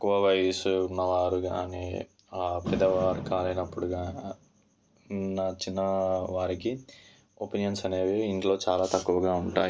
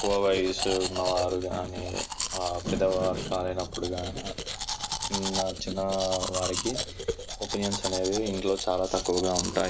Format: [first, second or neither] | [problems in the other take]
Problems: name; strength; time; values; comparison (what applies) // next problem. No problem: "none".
first | background sound (Domestic sounds, home sounds); 5 dB below the speech